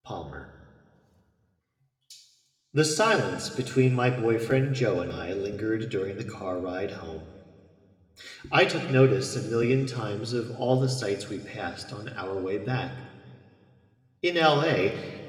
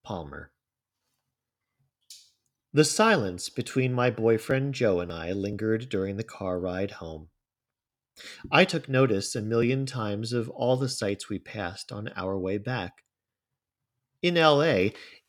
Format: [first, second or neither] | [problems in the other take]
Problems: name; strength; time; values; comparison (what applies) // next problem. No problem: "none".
second | room echo; slight; dies away in 2 s